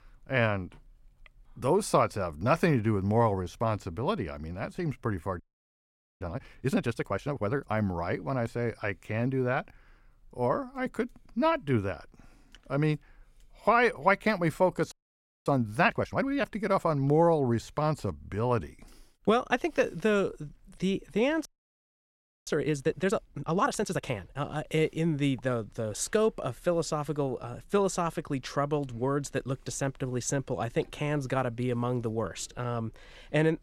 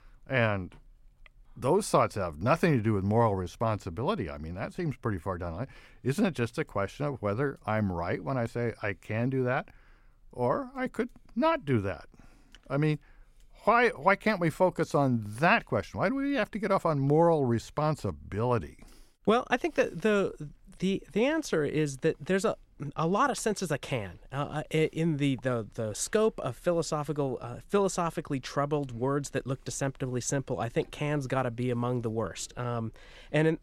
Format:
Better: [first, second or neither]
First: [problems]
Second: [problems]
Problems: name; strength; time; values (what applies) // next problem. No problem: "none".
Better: second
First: audio freezing; at 5.5 s for 1 s, at 15 s for 0.5 s and at 21 s for 1 s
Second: none